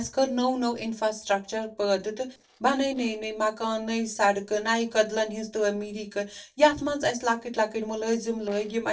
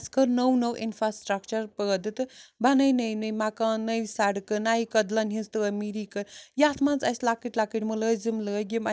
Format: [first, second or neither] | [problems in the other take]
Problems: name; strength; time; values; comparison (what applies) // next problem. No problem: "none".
second | noise reduction (neural separator model SepFormer DNS4)